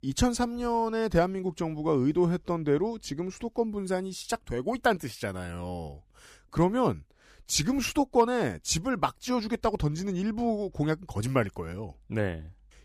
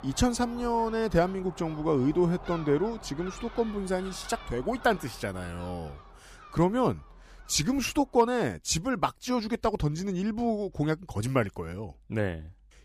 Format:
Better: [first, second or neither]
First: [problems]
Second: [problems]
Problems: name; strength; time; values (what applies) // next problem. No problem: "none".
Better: first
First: none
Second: animal sounds; noticeable; throughout; 20 dB below the speech